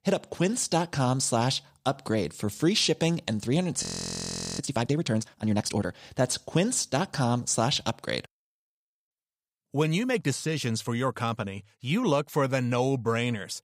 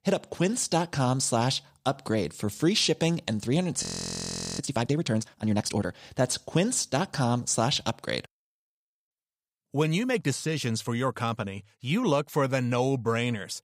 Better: neither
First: audio freezing; at 4 s for 1 s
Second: audio freezing; at 4 s for 1 s

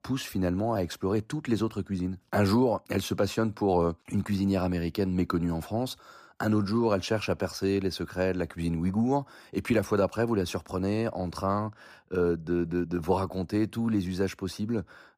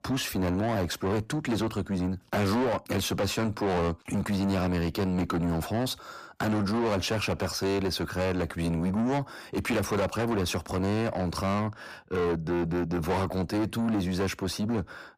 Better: first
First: none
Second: distortion; heavy; 7 dB below the speech

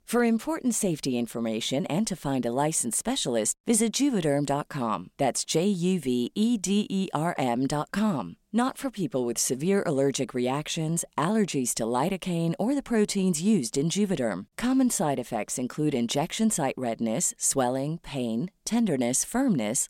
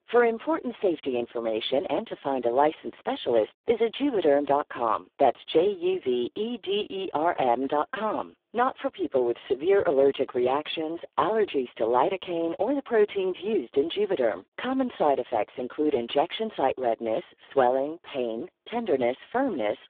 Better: first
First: none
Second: phone-call audio; poor line; nothing above 3.5 kHz

